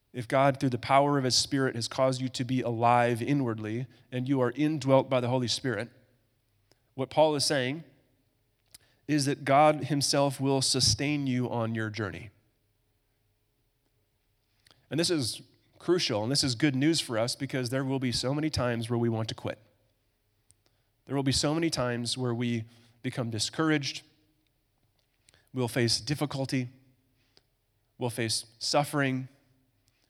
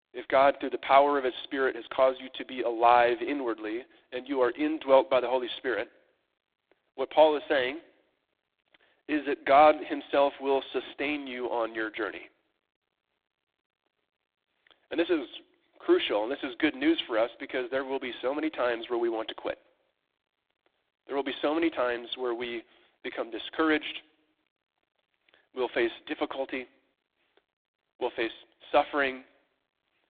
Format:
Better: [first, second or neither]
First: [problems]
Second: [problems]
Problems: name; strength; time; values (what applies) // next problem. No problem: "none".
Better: first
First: none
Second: phone-call audio; poor line; nothing above 3.5 kHz